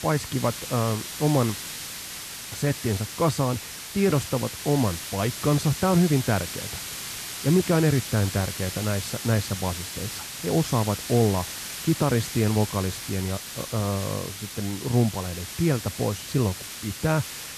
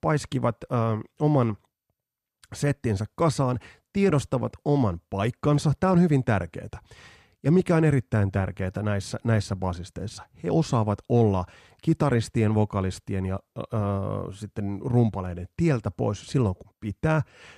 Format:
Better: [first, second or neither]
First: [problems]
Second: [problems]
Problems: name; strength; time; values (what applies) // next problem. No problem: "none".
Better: second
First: hiss; loud; throughout; 7 dB below the speech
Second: none